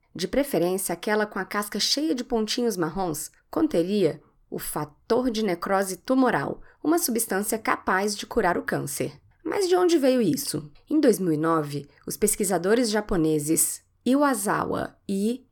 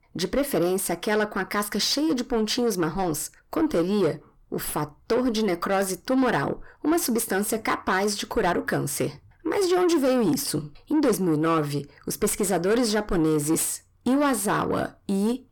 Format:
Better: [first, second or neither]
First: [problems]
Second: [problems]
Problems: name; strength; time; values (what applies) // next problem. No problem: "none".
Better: first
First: none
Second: distortion; slight; 10 dB below the speech